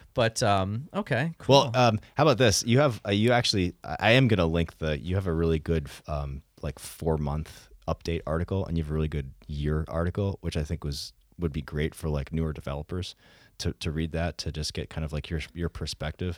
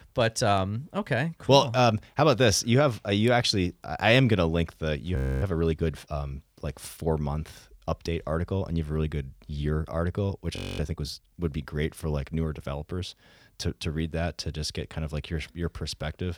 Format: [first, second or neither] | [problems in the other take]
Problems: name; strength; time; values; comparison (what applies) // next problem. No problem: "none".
first | audio freezing; at 5 s and at 11 s